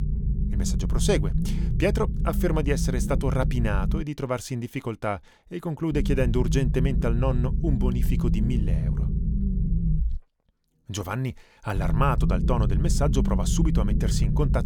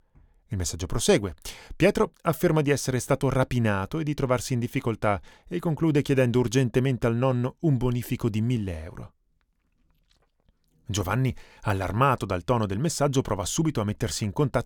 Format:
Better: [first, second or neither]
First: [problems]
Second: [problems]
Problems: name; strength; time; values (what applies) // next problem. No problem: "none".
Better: second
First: low rumble; loud; until 4 s, from 6 to 10 s and from 12 s on; 8 dB below the speech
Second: none